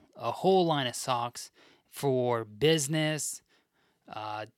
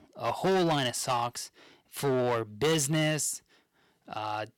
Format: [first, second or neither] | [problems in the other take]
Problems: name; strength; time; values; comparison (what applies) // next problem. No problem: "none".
first | distortion; heavy; 9% of the sound clipped